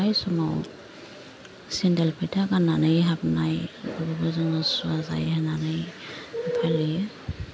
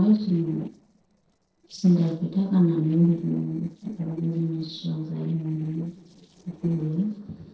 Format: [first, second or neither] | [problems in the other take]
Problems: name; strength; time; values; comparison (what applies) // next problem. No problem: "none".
first | noise reduction (neural separator model SepFormer DNS4)